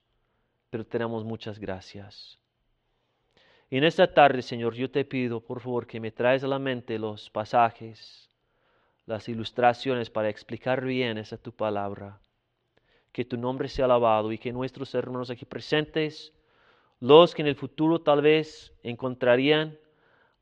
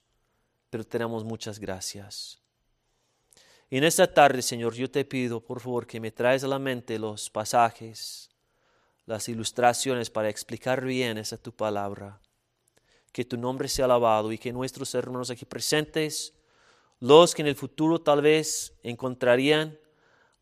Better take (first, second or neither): second